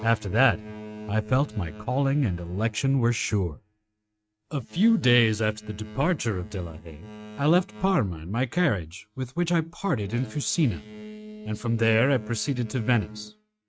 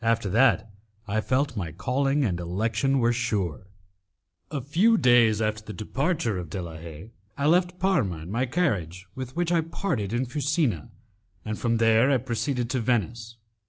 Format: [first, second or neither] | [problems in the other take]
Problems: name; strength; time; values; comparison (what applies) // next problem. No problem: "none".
second | noise reduction (neural mask model RNNoise)